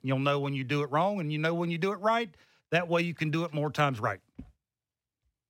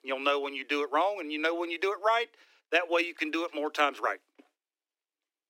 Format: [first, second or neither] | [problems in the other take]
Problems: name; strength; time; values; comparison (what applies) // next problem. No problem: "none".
first | thin; somewhat; fading below 300 Hz